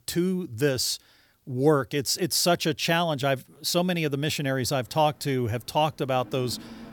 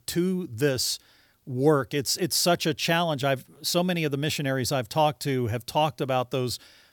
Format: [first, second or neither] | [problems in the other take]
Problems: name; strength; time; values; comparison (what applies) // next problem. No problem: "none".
second | train or aircraft noise; faint; from 4.5 s on; 25 dB below the speech